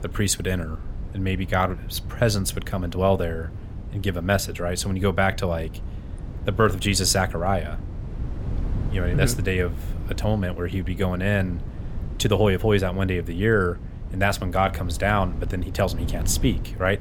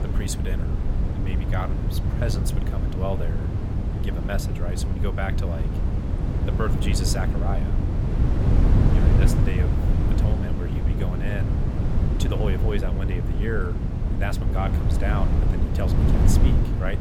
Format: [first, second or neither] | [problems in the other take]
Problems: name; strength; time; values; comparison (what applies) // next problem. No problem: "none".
first | wind noise on the microphone; heavy; 1 dB below the speech; occasional gusts in the first